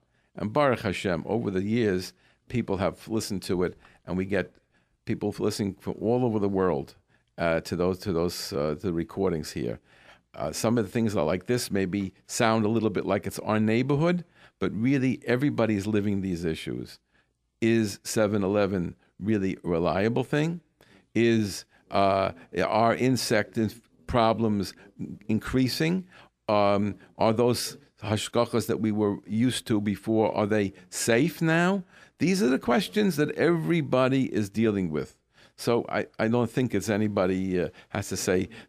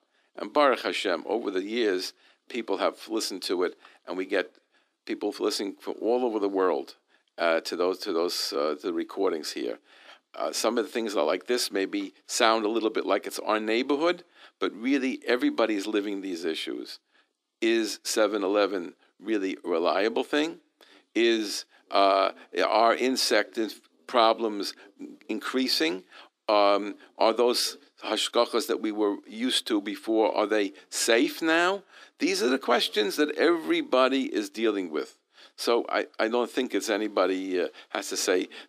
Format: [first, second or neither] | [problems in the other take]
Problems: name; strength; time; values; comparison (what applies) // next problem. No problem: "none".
first | thin; somewhat; fading below 300 Hz